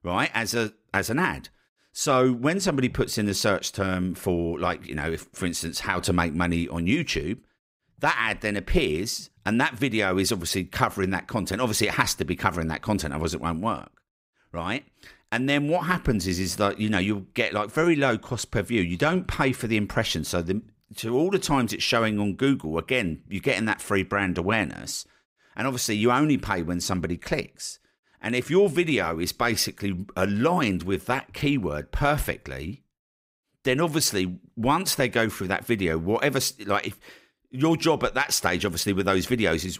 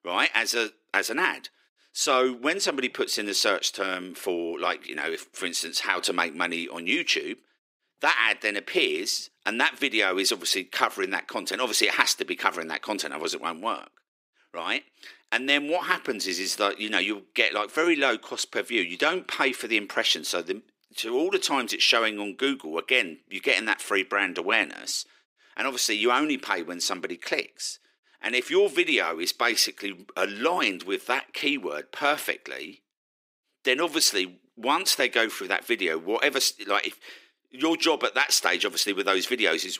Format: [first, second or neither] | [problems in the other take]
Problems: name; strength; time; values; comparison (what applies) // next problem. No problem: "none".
first | thin; somewhat; fading below 300 Hz